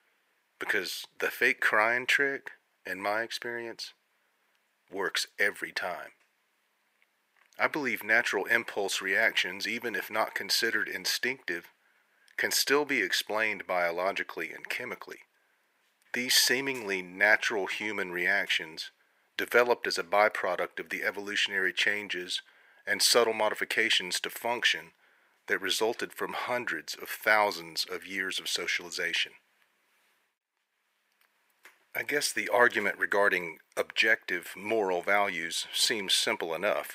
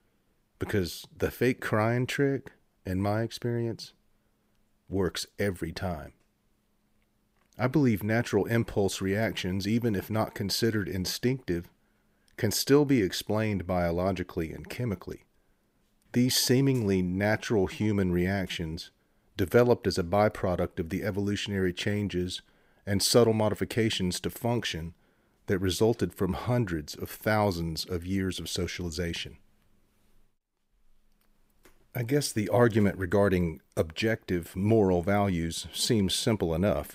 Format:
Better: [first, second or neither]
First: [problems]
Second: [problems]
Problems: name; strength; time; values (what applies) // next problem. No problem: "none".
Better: second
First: thin; very; fading below 550 Hz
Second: none